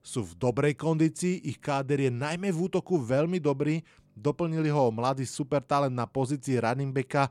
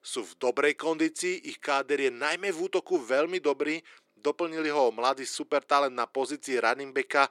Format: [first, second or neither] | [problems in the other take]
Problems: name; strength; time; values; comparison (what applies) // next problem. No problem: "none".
first | thin; somewhat; fading below 350 Hz